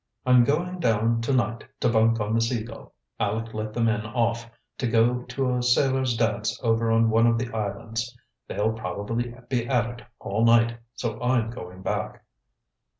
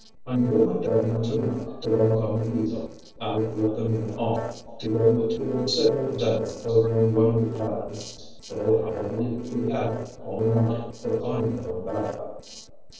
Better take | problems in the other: first | noise reduction (neural separator model SepFormer DNS4)

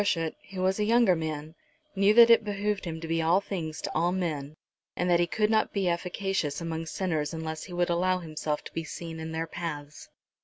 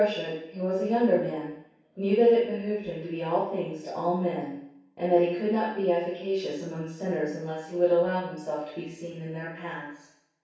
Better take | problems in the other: first | room echo; dies away in 0.7 s

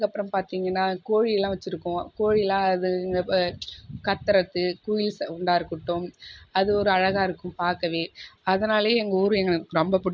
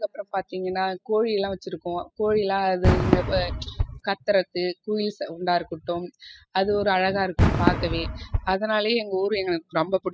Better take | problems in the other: first | noise reduction (classical method spectral subtraction)

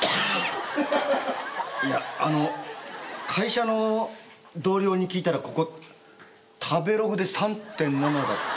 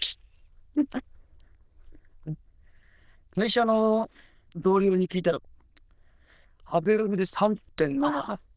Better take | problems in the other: first | noise reduction (neural diffusion model UNIVERSE++)

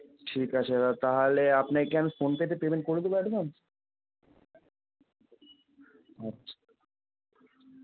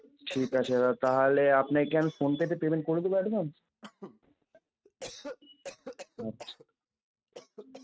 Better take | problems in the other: first | noise reduction (neural mask model RNNoise)

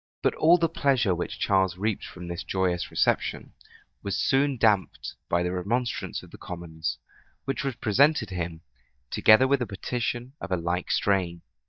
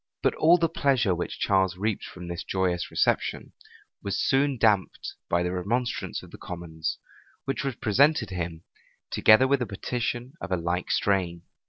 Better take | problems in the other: second | noise reduction (neural mask model DeepFilterNet 3)

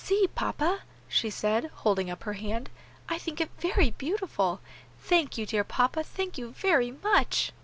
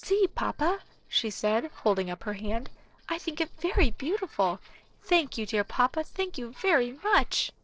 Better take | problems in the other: first | noise reduction (neural separator model SepFormer DNS4)

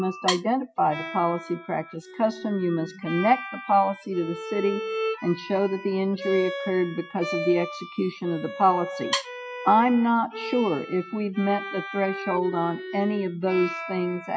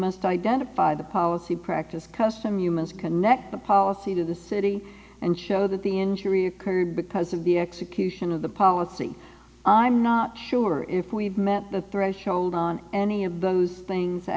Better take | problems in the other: second | noise reduction (classical method Wiener filter)

